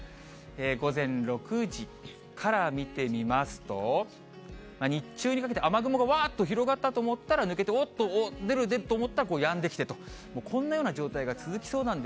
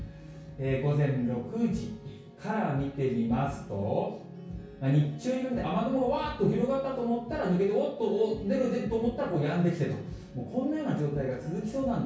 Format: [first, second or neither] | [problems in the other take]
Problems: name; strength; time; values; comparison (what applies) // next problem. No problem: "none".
first | room echo; dies away in 0.6 s